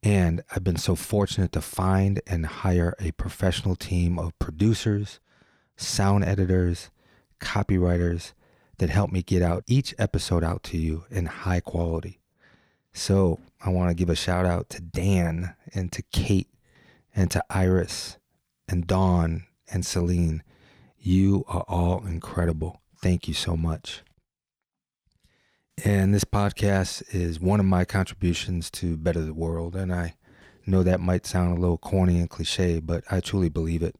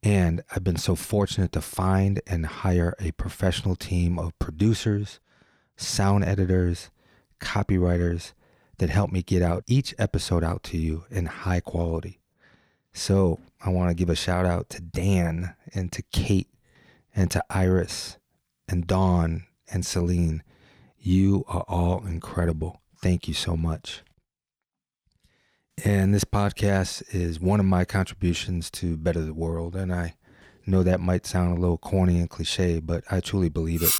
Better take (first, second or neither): first